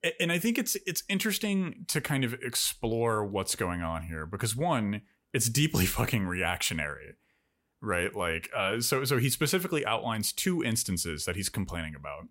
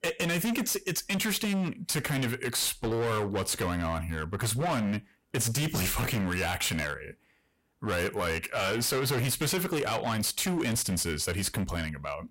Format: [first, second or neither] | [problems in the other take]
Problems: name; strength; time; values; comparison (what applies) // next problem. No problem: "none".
first | distortion; heavy; 25% of the sound clipped